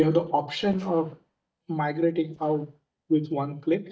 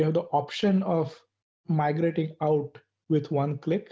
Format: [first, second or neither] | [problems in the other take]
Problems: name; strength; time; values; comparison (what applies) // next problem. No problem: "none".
second | noise reduction (neural mask model DeepFilterNet 3)